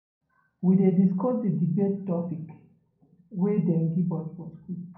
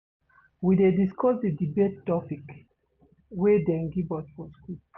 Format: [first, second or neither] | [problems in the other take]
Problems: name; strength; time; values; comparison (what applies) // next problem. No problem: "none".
second | room echo; dies away in 0.5 s